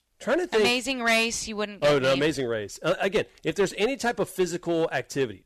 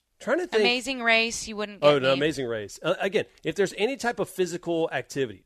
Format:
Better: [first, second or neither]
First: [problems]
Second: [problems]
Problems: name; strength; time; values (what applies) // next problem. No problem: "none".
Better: second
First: distortion; slight; 5% of the sound clipped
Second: none